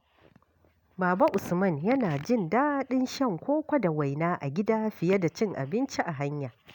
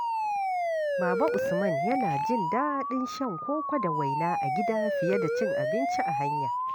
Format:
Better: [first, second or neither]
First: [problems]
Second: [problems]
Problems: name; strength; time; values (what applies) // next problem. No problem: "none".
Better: first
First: none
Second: background sound (Siren); 3 dB above the speech